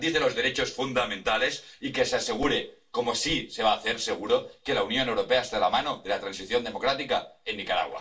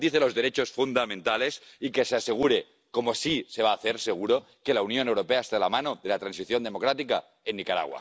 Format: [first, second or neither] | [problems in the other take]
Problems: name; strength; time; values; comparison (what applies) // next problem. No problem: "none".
second | room echo; dies away in 0.2 s